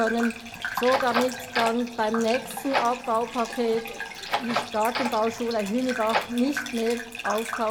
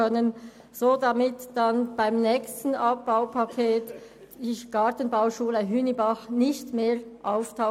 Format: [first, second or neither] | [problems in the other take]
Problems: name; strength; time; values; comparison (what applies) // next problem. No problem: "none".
second | background sound (Bathtub (filling or washing) / Gurgling + Door); 5 dB below the speech